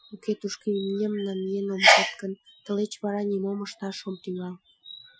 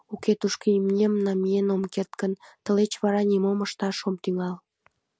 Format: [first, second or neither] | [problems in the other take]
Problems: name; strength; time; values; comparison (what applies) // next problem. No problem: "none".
second | noise reduction (classical method Wiener filter)